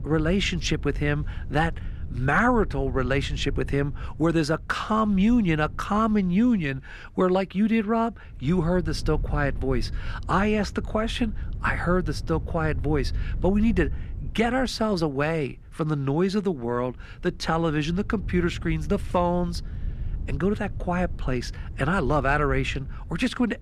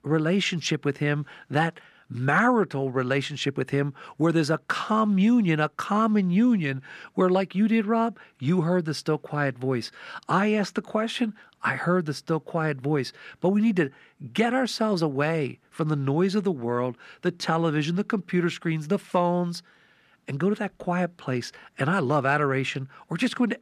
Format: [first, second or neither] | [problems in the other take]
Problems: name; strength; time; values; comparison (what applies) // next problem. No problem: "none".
second | wind noise on the microphone; occasional gusts; 25 dB below the speech